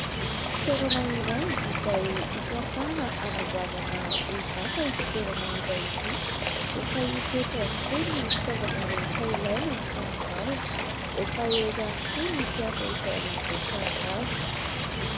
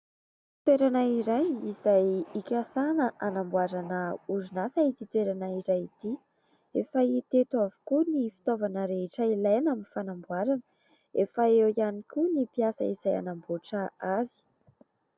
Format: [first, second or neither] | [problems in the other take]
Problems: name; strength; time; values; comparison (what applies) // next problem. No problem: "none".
second | background sound (Water / Bird); 3 dB above the speech